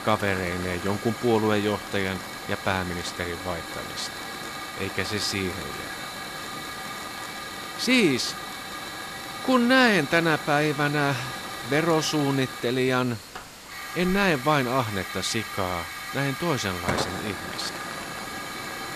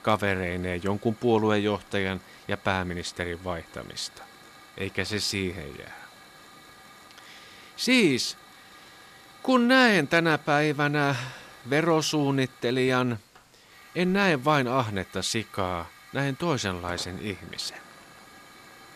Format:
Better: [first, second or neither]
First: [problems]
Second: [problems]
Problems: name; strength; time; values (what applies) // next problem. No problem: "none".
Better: second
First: hiss; loud; throughout; 8 dB below the speech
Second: hiss; faint; throughout; 25 dB below the speech